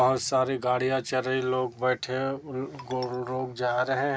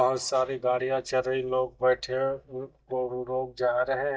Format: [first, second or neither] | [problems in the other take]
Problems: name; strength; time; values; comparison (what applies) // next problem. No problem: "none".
first | noise reduction (neural mask model DeepFilterNet 3)